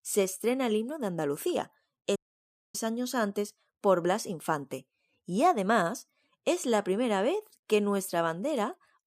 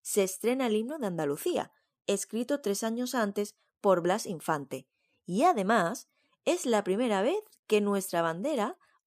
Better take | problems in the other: second | audio cutting out; at 2 s for 0.5 s

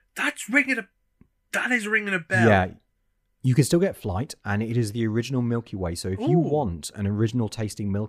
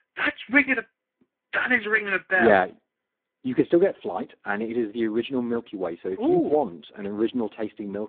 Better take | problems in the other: first | phone-call audio; poor line

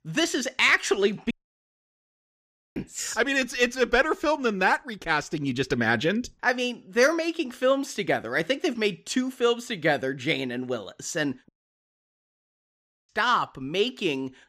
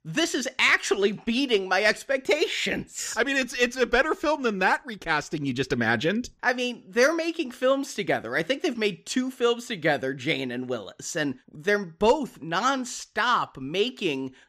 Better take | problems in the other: second | audio cutting out; at 1.5 s for 1.5 s and at 11 s for 1.5 s

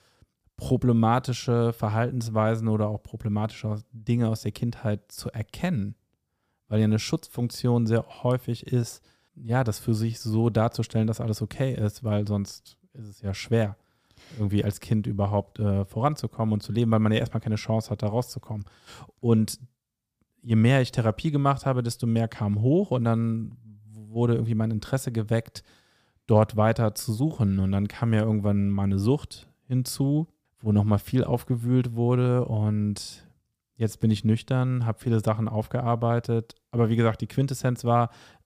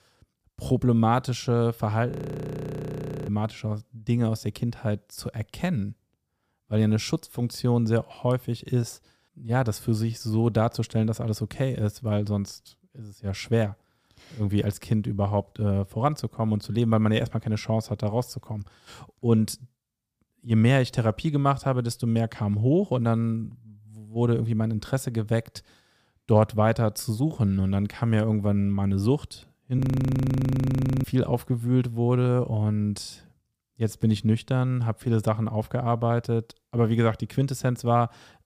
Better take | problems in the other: first | audio freezing; at 2 s for 1 s and at 30 s for 1.5 s

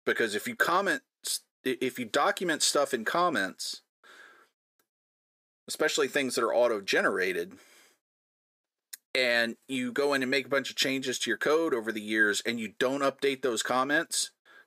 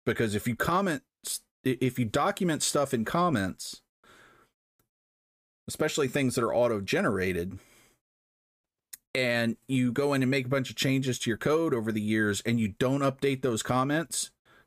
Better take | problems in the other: second | thin; somewhat; fading below 400 Hz

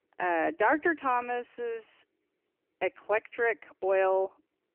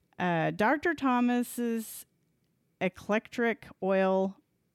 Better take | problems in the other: second | phone-call audio; poor line; nothing above 2.5 kHz

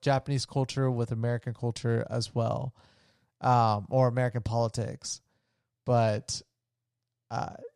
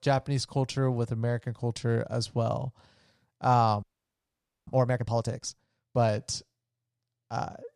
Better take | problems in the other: first | audio freezing; at 4 s for 1 s

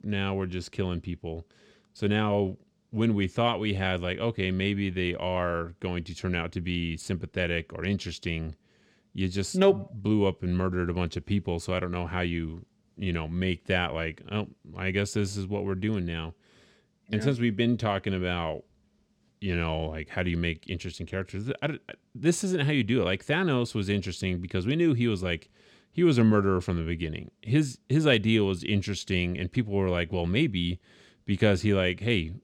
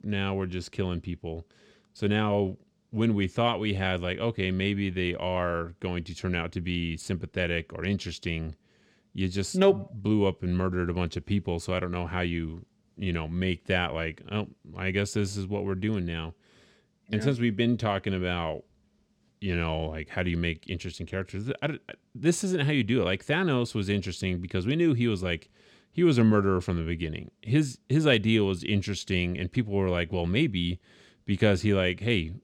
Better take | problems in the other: neither | none

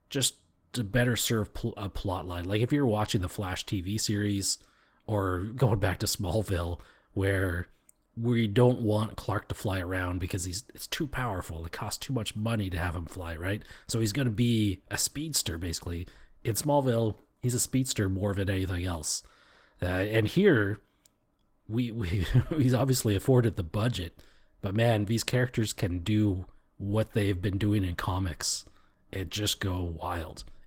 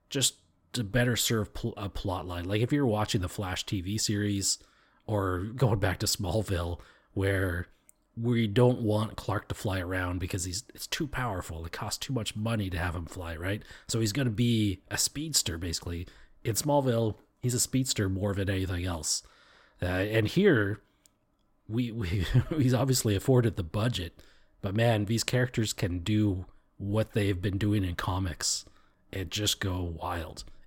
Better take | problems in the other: second | garbled, watery; slightly; nothing above 16.5 kHz

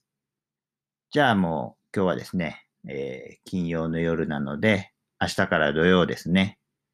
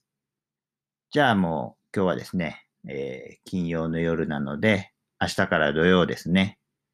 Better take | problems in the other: neither | none

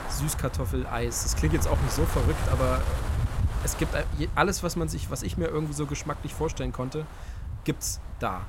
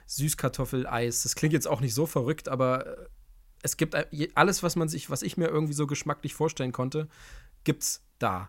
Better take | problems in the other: second | wind noise on the microphone; heavy; 8 dB below the speech

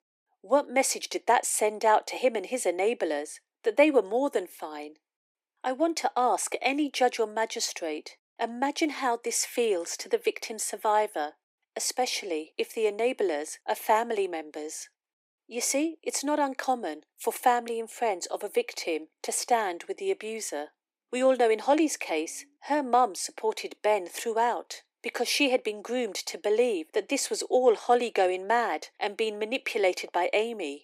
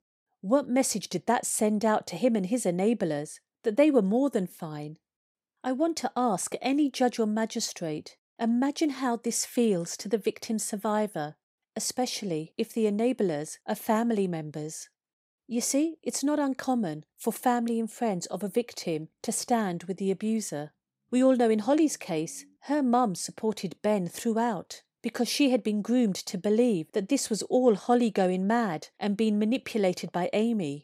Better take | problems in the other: second | thin; somewhat; fading below 300 Hz

